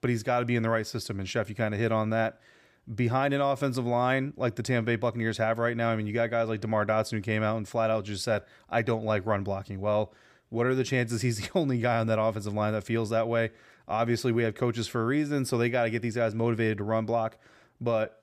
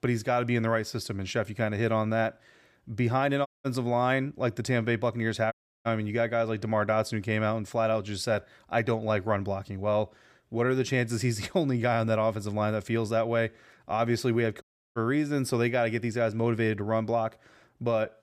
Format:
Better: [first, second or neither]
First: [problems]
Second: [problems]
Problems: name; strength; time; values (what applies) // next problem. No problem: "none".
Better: first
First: none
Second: audio cutting out; at 3.5 s, at 5.5 s and at 15 s